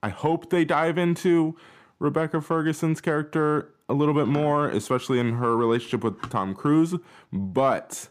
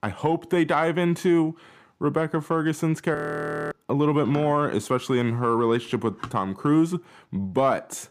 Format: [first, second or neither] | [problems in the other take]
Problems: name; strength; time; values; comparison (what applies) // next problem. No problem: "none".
first | audio freezing; at 3 s for 0.5 s